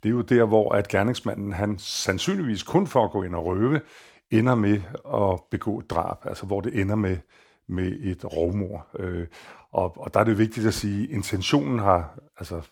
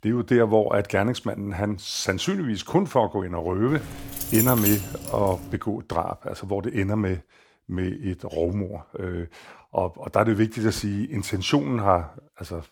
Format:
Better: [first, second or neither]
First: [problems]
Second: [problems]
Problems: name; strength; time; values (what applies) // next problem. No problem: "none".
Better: first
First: none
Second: jangling keys; loud; from 3.5 to 5.5 s; peak 3 dB above the speech